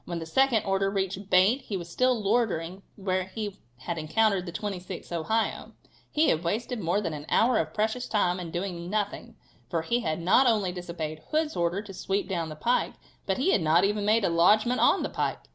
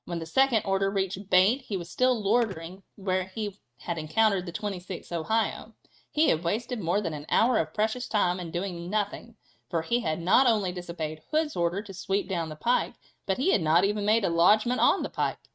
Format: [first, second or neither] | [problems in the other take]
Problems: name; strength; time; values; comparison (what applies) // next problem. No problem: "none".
first | noise reduction (neural mask model RNNoise)